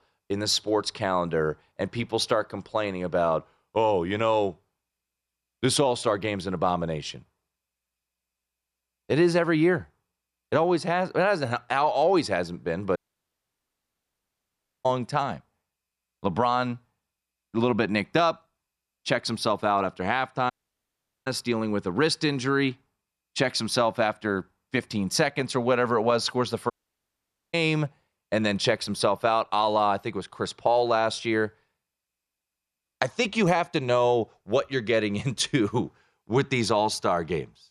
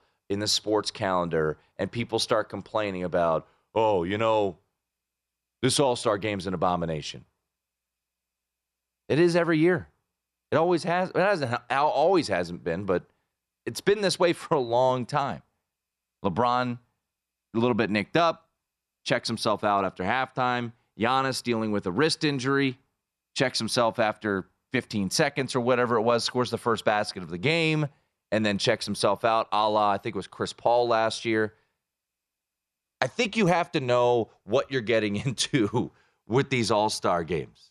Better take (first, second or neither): second